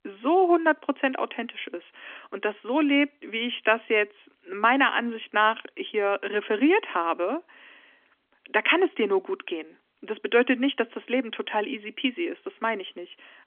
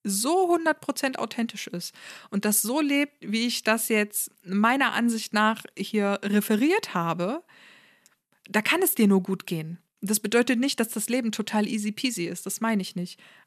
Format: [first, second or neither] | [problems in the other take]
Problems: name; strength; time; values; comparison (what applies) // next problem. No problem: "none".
second | phone-call audio; nothing above 3.5 kHz